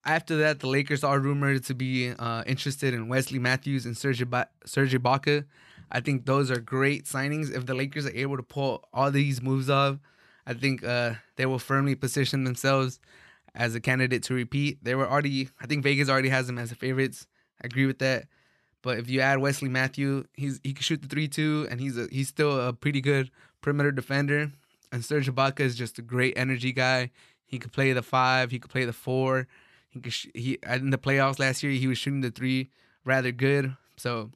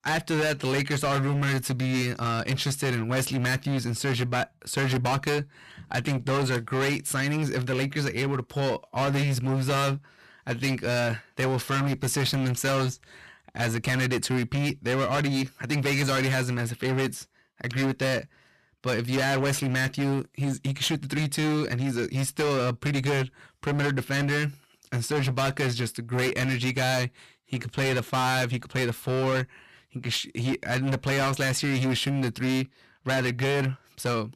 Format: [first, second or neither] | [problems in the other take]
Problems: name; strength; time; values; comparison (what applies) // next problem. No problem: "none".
first | distortion; heavy; 23% of the sound clipped